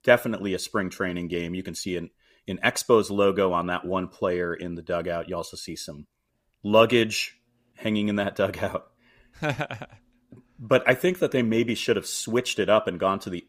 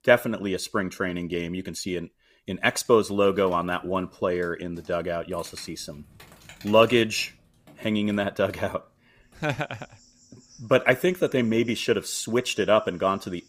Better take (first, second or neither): first